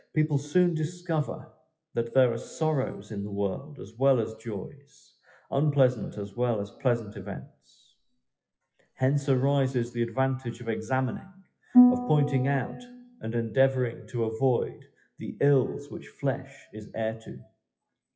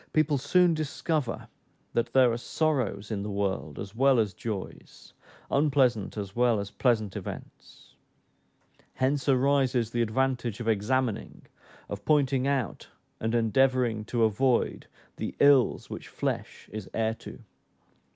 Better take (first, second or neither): second